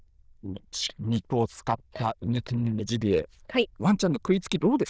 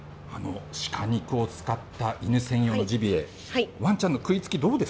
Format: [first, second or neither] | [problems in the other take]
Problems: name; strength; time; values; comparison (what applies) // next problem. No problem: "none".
second | noise reduction (neural diffusion model UNIVERSE++)